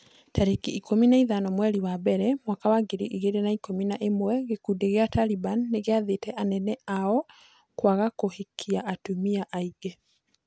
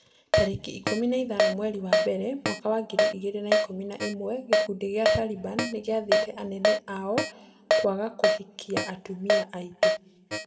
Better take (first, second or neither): first